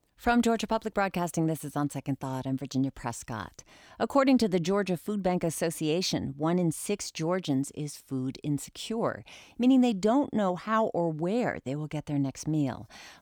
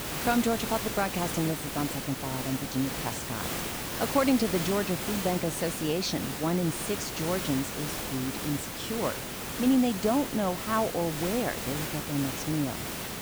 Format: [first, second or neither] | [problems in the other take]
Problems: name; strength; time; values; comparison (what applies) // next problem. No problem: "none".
first | hiss; loud; throughout; 3 dB below the speech